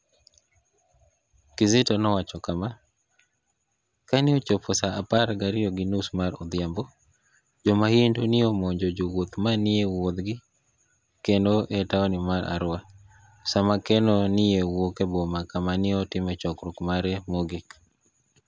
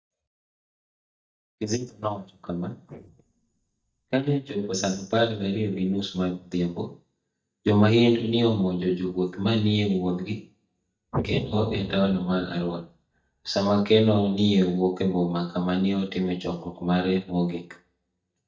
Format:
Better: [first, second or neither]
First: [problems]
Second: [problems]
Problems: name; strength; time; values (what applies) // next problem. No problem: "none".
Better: first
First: none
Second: noise reduction (neural mask model DeepFilterNet 3)